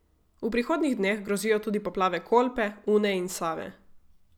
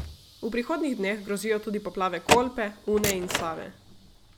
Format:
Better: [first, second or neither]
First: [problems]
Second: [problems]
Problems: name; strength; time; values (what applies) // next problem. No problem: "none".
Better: first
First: none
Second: background sound (Slam / Train); 4 dB below the speech